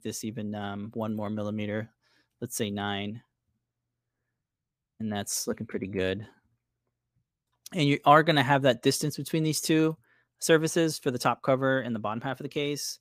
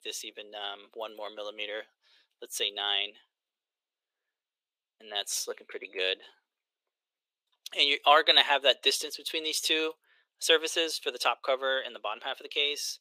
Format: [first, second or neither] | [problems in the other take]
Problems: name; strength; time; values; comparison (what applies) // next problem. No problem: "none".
first | thin; very; fading below 400 Hz